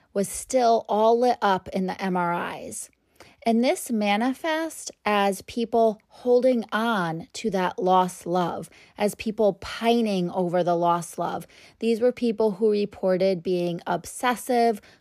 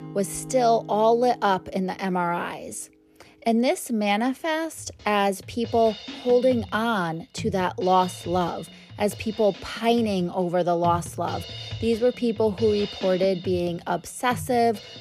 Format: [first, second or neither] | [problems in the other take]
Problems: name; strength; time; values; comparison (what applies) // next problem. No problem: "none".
first | background music; noticeable; throughout; 15 dB below the speech